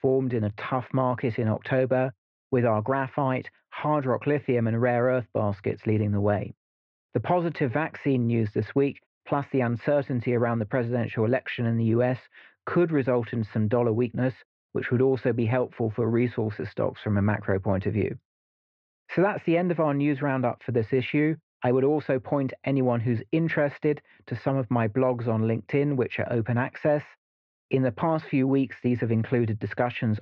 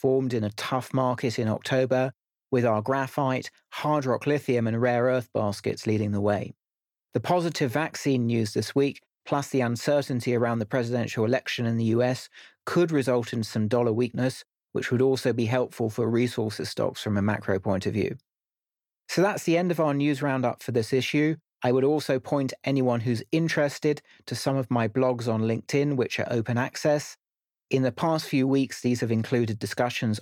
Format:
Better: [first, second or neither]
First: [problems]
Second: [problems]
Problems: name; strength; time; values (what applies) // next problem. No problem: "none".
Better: second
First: muffled; very; fading above 2.5 kHz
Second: none